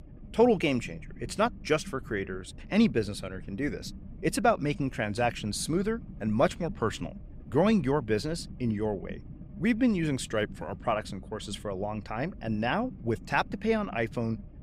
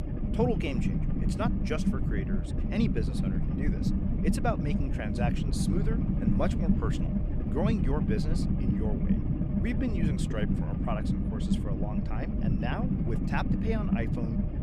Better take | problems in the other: first | low rumble; loud; throughout; 1 dB below the speech; faint in the first

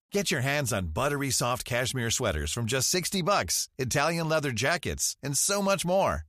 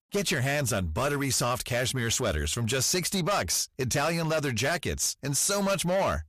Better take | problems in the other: first | distortion; slight; 13% of the sound clipped

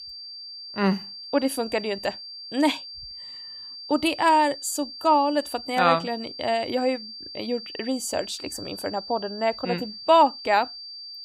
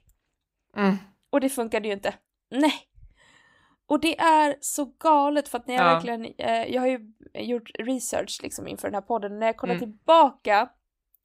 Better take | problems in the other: second | high-pitched whine; noticeable; throughout; 4.5 kHz, 10 dB below the speech

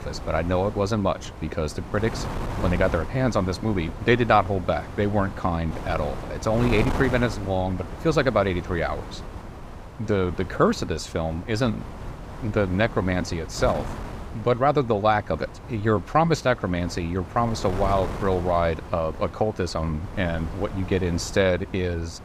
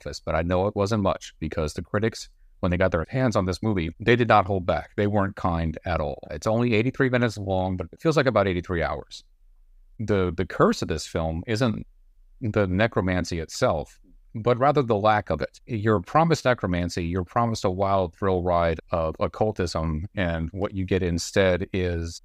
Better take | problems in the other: second | wind noise on the microphone; occasional gusts; 15 dB below the speech

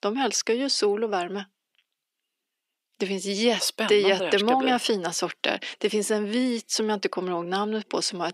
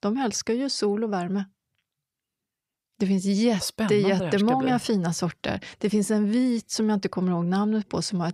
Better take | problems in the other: second | thin; somewhat; fading below 300 Hz

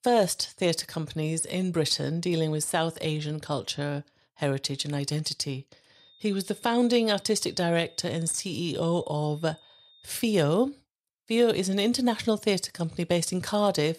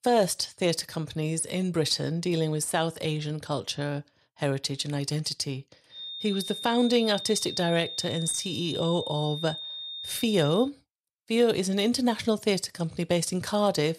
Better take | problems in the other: first | high-pitched whine; loud; from 6 to 11 s; 3.5 kHz, 8 dB below the speech; faint in the first

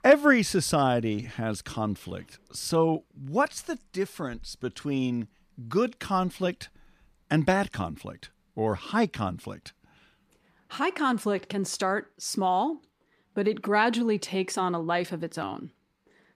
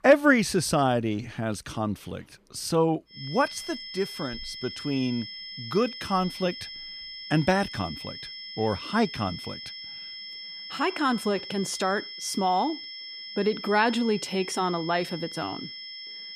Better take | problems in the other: first | high-pitched whine; loud; from 3 s on; 5.5 kHz, 10 dB below the speech

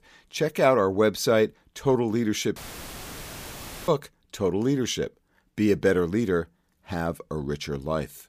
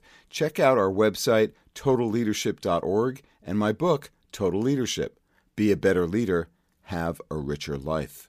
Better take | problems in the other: second | audio cutting out; filled with static; at 2.5 s for 1.5 s

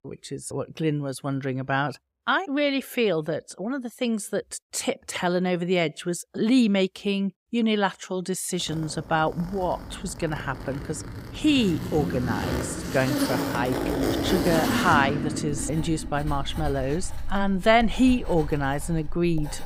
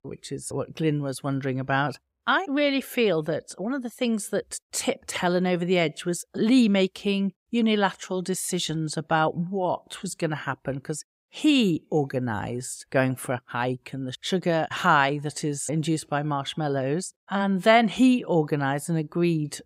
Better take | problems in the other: second | household noises; loud; from 8.5 s on; 5 dB below the speech

